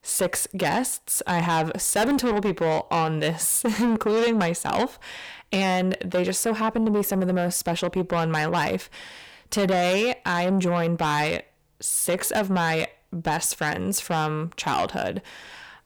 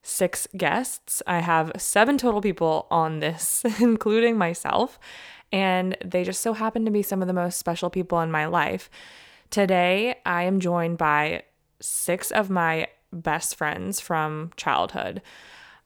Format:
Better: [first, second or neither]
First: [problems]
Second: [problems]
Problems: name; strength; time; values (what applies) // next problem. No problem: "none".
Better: second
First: distortion; heavy; 7 dB below the speech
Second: none